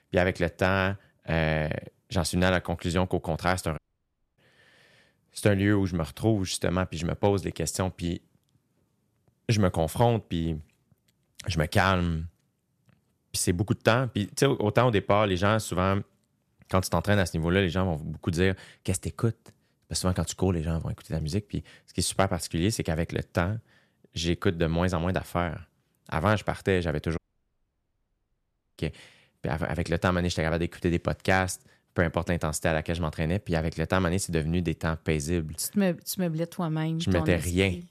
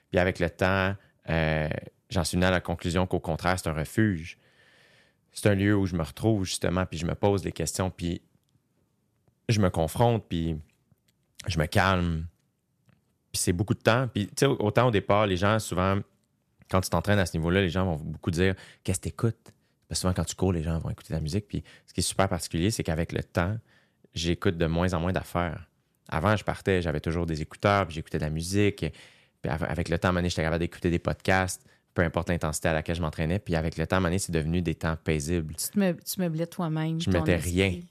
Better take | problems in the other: second | audio cutting out; at 4 s for 0.5 s and at 27 s for 1.5 s

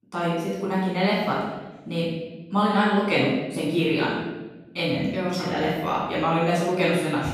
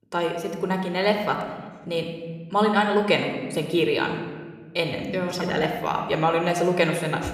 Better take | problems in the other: second | room echo; strong; dies away in 1.1 s; slight in the second // off-mic speech; far

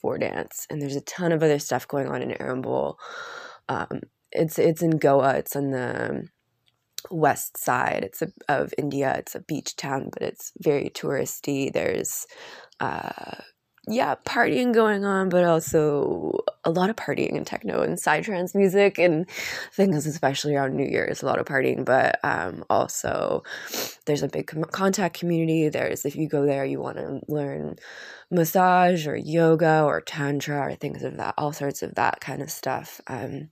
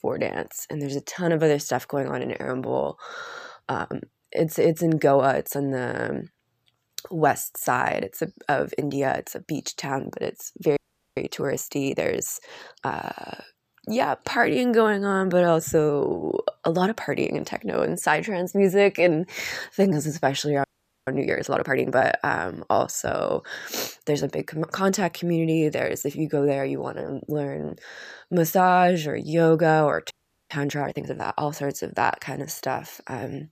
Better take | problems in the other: first | audio freezing; at 11 s, at 21 s and at 30 s

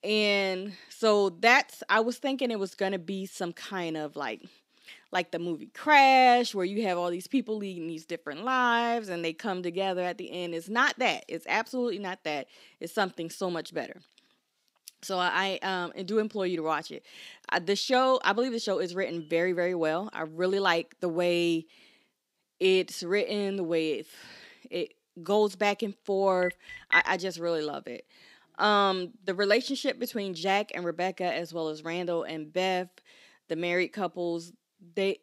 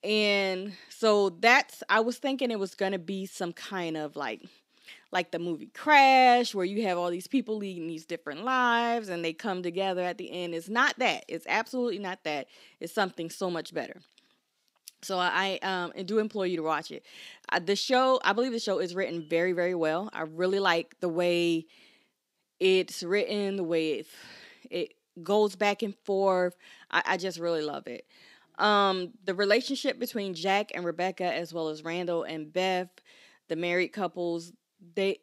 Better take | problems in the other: second | phone ringing; loud; at 26 s; peak 3 dB above the speech

